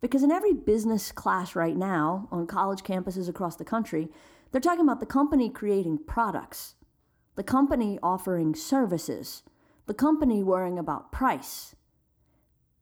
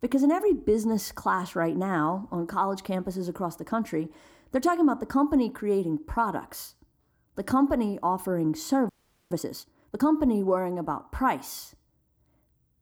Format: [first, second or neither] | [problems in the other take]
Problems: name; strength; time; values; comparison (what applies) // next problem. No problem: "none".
first | audio freezing; at 9 s